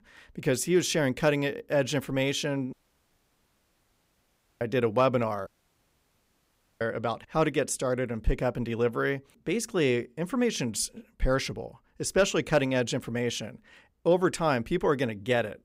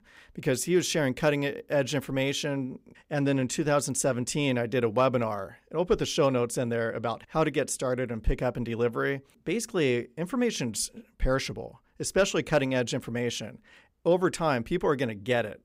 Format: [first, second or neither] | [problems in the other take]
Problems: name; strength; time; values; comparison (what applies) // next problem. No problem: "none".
second | audio cutting out; at 2.5 s for 2 s and at 5.5 s for 1.5 s